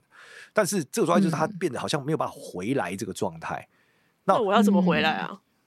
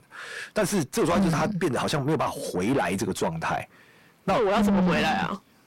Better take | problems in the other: first | distortion; heavy; 5 dB below the speech

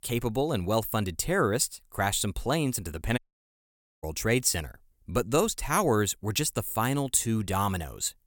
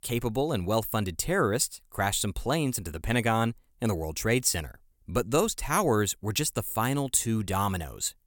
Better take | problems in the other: second | audio cutting out; at 3 s for 1 s

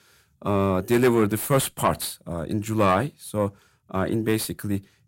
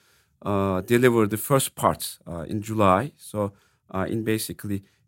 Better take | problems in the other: second | distortion; slight; 10 dB below the speech

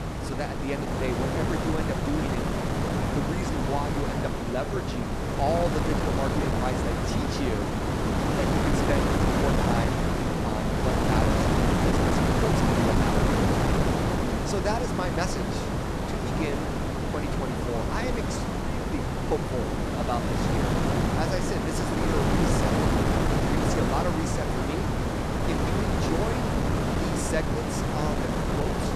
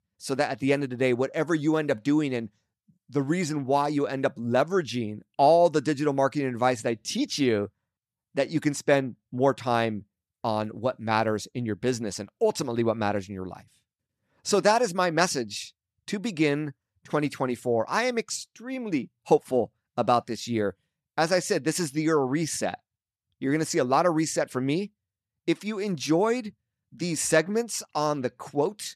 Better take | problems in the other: second | wind noise on the microphone; heavy; 5 dB above the speech

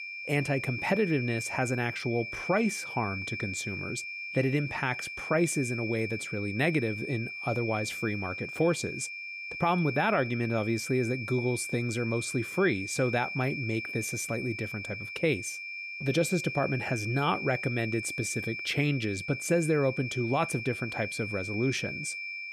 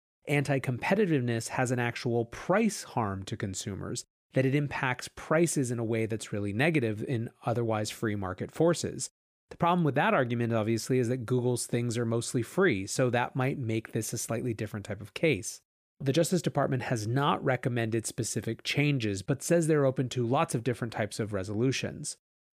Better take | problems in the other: second | high-pitched whine; loud; throughout; 2.5 kHz, 5 dB below the speech

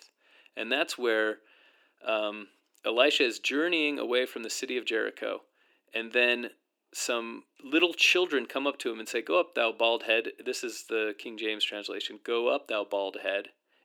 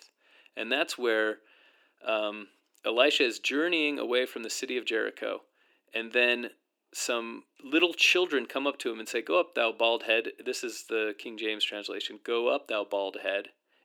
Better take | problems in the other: neither | thin; somewhat; fading below 300 Hz; the same in both

